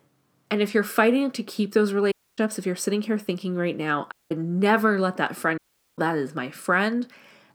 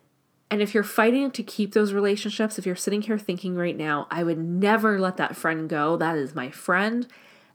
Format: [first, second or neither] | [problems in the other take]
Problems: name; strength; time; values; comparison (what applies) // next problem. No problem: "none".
second | audio cutting out; at 2 s, at 4 s and at 5.5 s